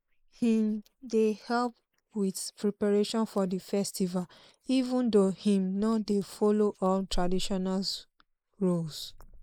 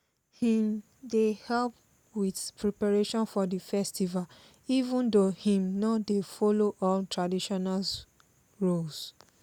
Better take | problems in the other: second | noise reduction (neural mask model Resemble Enhance denoiser)

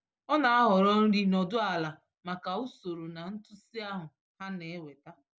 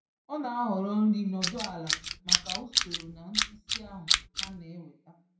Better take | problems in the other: first | background sound (Tools); 3 dB above the speech // room echo; dies away in 0.5 s

